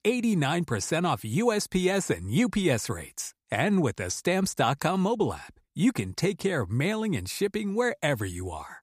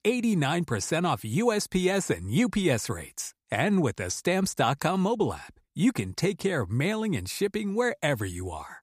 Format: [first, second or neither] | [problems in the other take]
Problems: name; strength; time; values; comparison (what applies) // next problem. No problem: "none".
neither | none